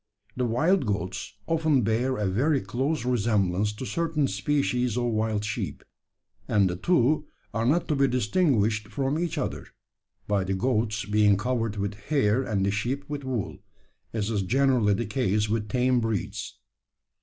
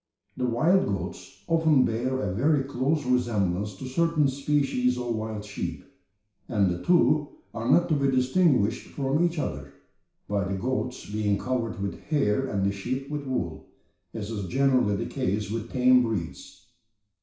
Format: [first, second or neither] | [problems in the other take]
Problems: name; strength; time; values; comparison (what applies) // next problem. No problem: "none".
first | room echo; dies away in 0.6 s